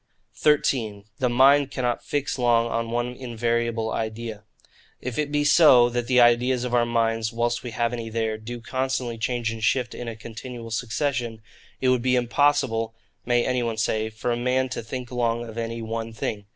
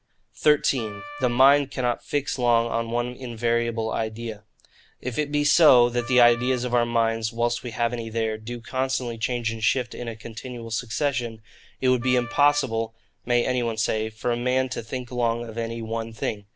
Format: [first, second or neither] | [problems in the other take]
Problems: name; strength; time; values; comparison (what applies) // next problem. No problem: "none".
first | background sound (Wind instrument, woodwind instrument); 16 dB below the speech